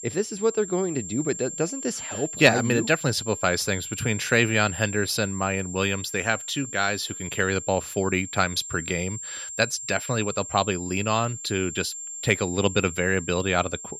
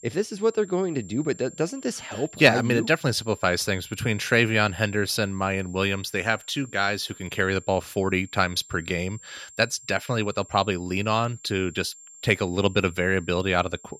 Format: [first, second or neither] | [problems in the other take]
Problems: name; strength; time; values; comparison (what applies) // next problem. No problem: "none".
second | high-pitched whine; loud; throughout; 7.5 kHz, 9 dB below the speech; faint in the second